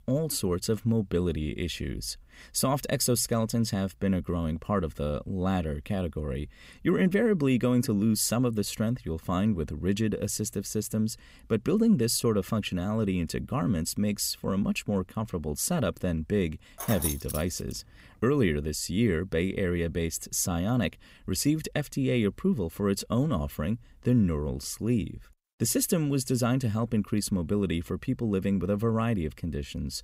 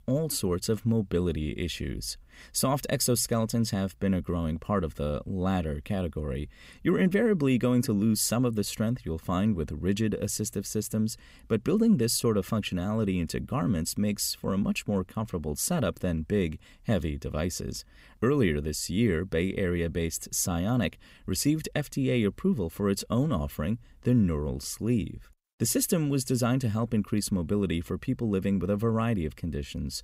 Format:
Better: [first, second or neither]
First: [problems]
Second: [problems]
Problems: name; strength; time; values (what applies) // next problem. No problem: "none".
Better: second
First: jangling keys; noticeable; at 17 s; peak 3 dB below the speech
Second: none